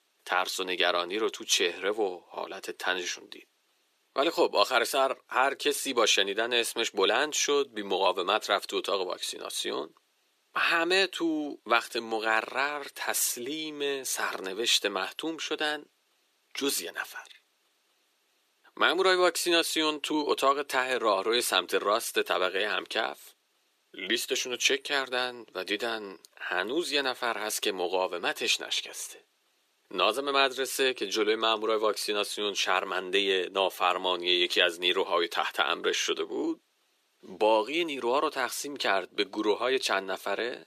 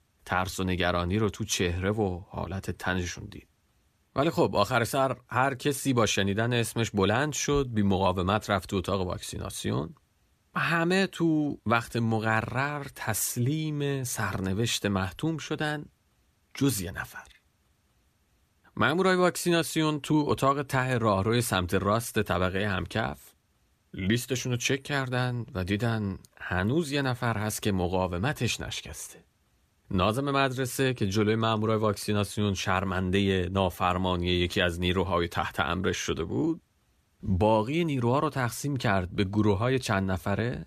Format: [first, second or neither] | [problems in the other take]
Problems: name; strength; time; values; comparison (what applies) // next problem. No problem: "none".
second | thin; very; fading below 350 Hz